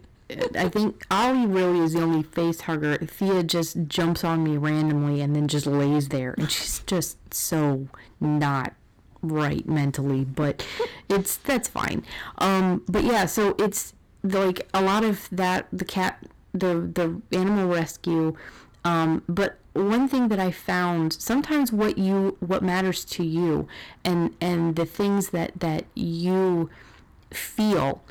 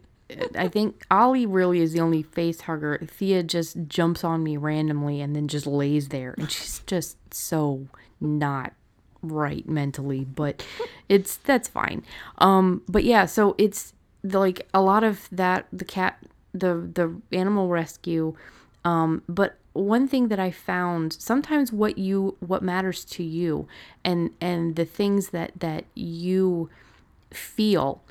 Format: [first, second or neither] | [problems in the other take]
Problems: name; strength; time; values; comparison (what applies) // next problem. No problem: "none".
second | distortion; heavy; 16% of the sound clipped